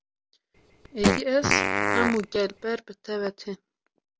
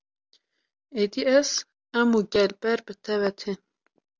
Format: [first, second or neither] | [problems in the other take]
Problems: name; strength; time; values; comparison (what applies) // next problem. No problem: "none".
second | background sound (Fart); 4 dB above the speech